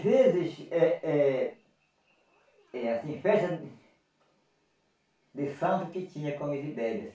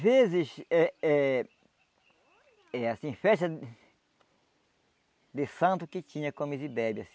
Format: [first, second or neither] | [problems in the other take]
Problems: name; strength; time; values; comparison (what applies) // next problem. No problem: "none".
second | room echo; dies away in 0.3 s